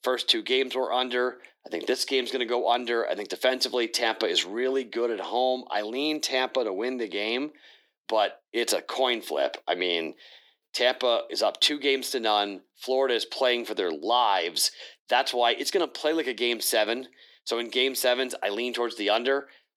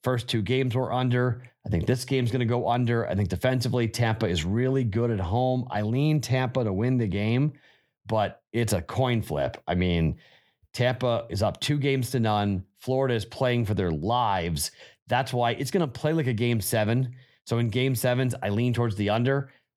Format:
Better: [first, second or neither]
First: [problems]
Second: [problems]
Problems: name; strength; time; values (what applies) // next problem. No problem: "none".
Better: second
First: thin; very; fading below 300 Hz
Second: none